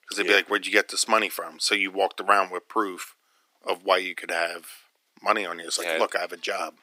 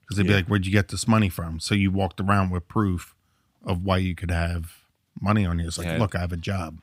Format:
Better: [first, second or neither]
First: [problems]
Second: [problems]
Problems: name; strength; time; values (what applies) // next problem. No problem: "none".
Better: second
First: thin; very; fading below 350 Hz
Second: none